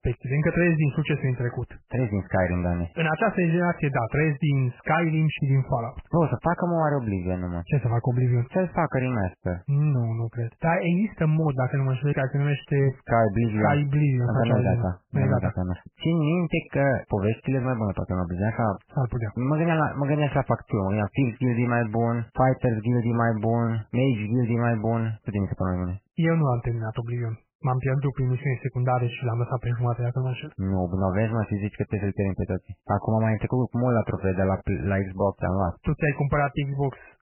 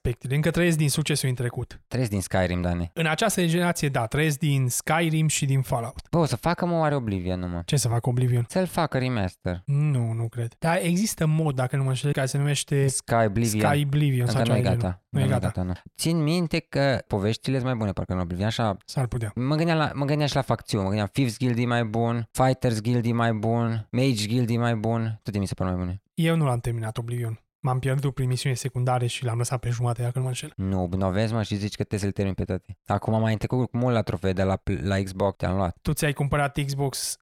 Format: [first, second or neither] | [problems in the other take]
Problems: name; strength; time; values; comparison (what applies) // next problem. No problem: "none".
second | garbled, watery; badly; nothing above 3 kHz